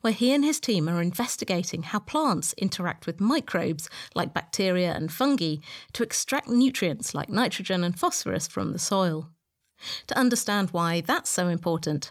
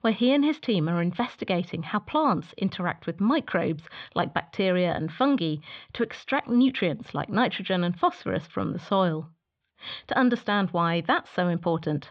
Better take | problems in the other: first | muffled; very; fading above 3.5 kHz

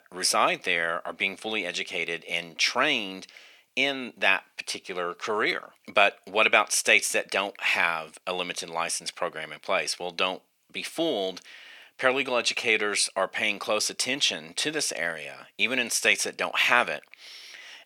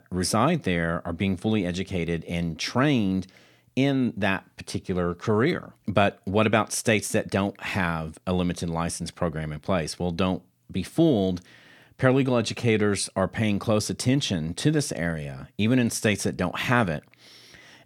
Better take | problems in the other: second | thin; very; fading below 600 Hz

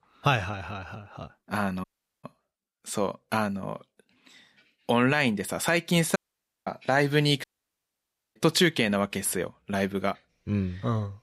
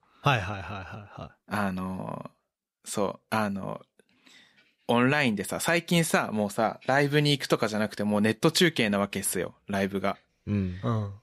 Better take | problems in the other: second | audio cutting out; at 2 s, at 6 s for 0.5 s and at 7.5 s for 1 s

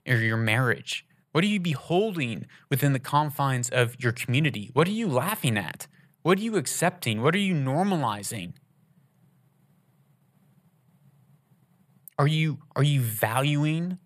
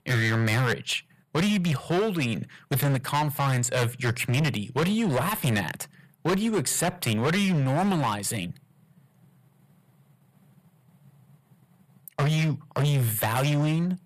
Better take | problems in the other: first | distortion; heavy; 15% of the sound clipped

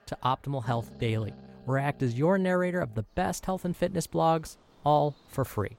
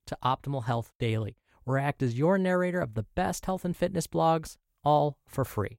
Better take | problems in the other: second | animal sounds; faint; throughout; 25 dB below the speech

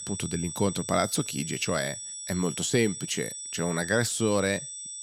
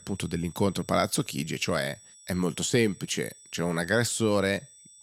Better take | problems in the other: second | high-pitched whine; loud; throughout; 8 kHz, 7 dB below the speech; faint in the second

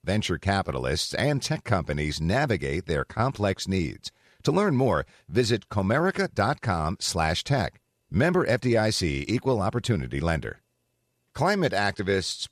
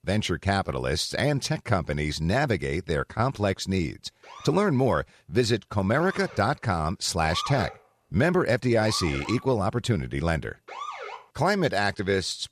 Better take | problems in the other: first | siren; noticeable; from 4.5 to 11 s; peak 7 dB below the speech

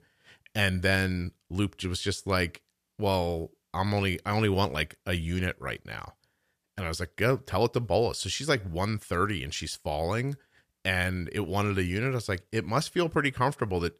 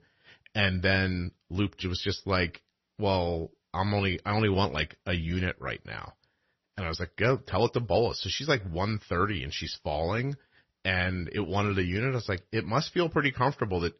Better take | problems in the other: first | garbled, watery; slightly; nothing above 6 kHz

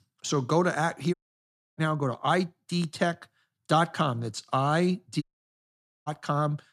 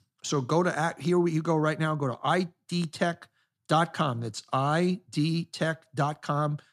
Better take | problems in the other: second | audio cutting out; at 1 s for 0.5 s and at 5 s for 1 s

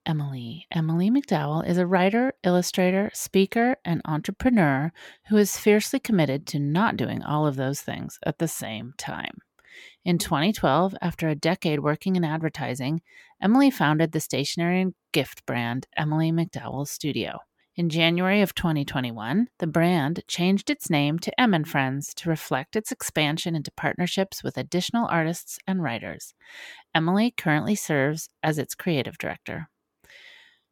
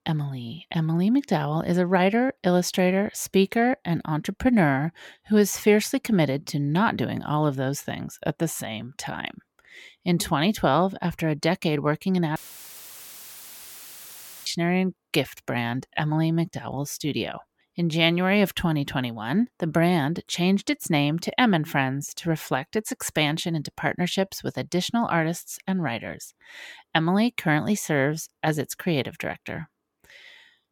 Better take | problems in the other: first | audio cutting out; filled with static; at 12 s for 2 s

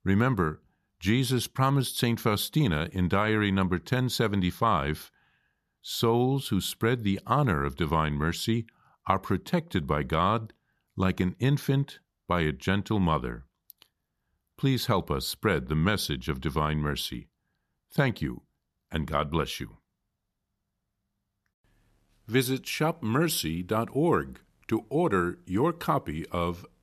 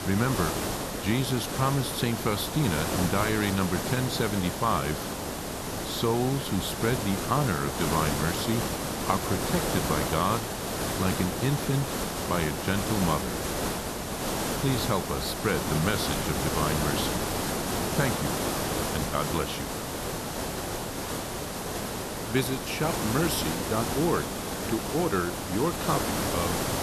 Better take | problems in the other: first | hiss; loud; throughout; 1 dB below the speech

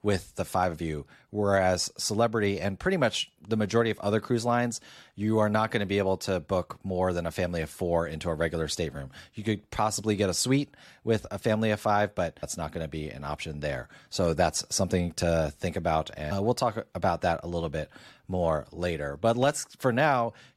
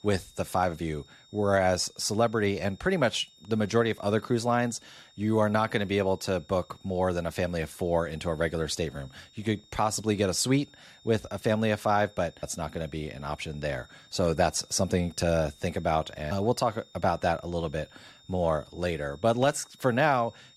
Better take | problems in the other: first | high-pitched whine; faint; throughout; 3.5 kHz, 25 dB below the speech

